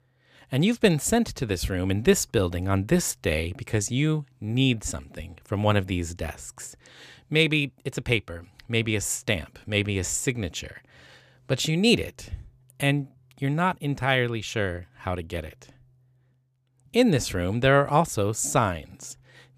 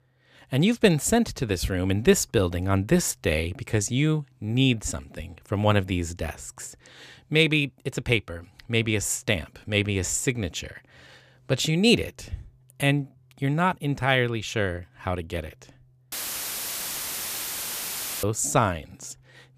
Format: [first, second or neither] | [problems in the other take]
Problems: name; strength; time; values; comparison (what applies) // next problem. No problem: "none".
first | audio cutting out; filled with static; at 16 s for 2 s